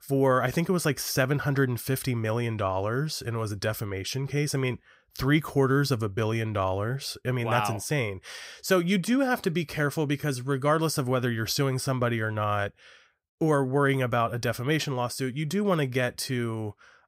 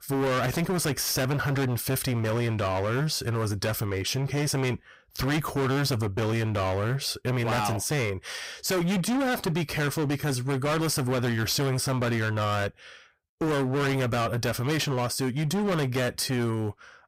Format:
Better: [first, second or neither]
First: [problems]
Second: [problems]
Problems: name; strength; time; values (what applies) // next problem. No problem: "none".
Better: first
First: none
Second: distortion; heavy; 28% of the sound clipped